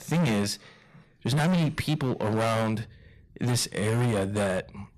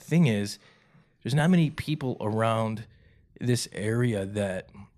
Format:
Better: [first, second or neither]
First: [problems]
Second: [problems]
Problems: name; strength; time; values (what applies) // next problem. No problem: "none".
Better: second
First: distortion; heavy; 21% of the sound clipped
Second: none